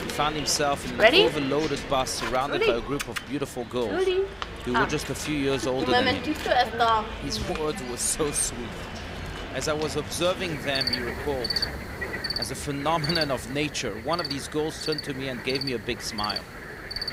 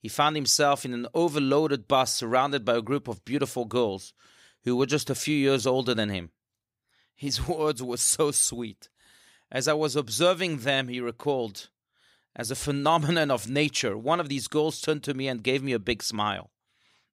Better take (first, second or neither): second